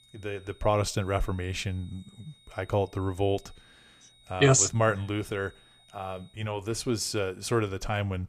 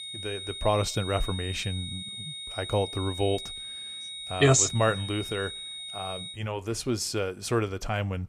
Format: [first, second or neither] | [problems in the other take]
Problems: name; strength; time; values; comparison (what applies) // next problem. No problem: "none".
first | high-pitched whine; loud; until 6.5 s; 3.5 kHz, 8 dB below the speech; faint in the first